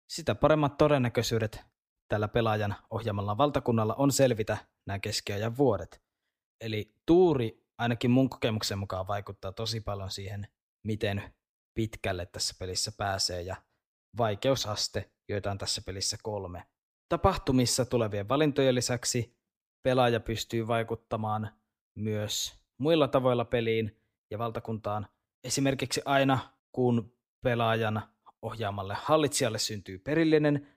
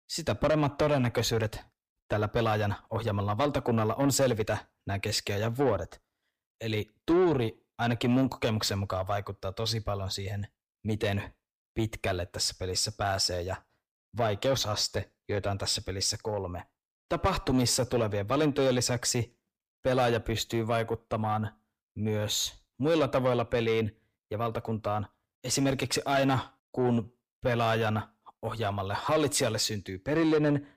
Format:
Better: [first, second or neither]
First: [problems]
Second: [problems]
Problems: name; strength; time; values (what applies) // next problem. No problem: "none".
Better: first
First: none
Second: distortion; slight; 10 dB below the speech